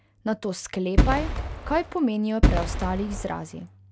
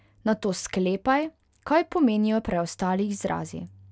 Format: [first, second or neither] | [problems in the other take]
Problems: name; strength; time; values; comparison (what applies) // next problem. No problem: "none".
second | background sound (Fireworks); 3 dB above the speech